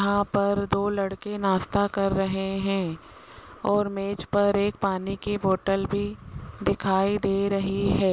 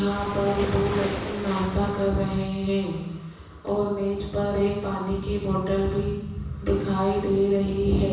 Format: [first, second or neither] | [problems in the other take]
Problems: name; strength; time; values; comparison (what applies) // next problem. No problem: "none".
first | background sound (Waves, surf); 9 dB below the speech // room echo; dies away in 1.1 s